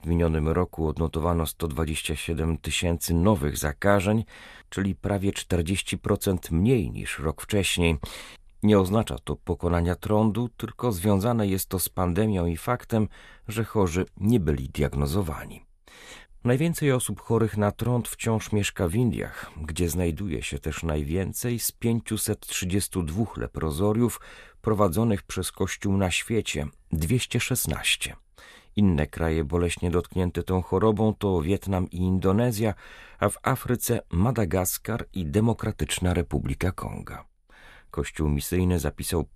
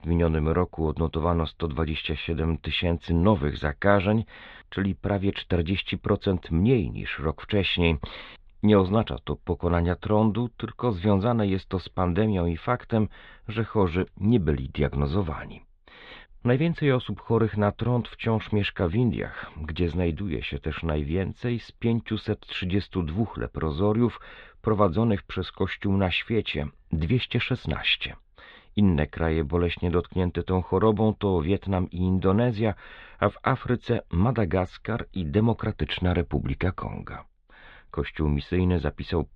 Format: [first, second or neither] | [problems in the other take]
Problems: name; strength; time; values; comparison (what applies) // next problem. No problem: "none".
first | muffled; very; fading above 3.5 kHz